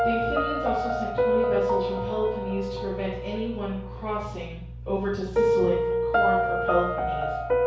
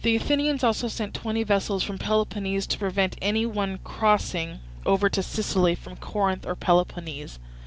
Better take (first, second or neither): second